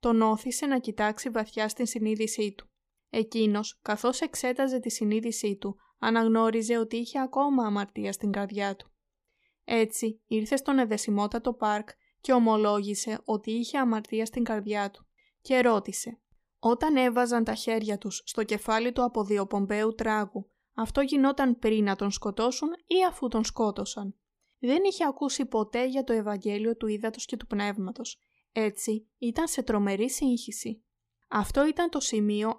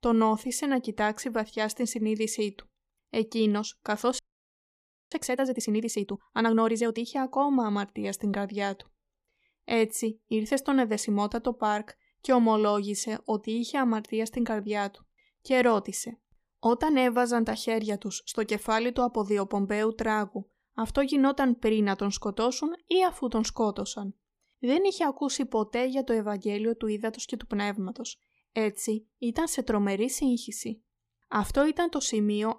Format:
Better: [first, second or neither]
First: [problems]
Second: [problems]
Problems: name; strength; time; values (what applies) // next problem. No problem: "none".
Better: first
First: none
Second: audio freezing; at 4 s for 1 s